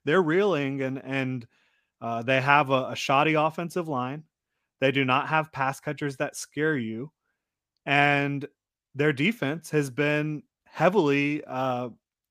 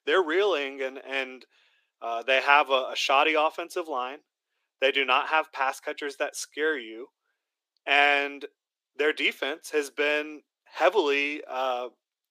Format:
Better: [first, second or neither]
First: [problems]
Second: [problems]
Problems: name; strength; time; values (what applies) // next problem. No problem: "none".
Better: first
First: none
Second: thin; somewhat; fading below 350 Hz